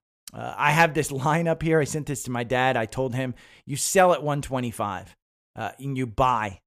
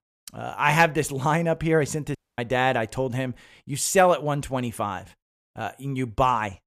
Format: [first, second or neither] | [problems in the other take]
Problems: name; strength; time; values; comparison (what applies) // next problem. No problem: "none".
first | audio cutting out; at 2 s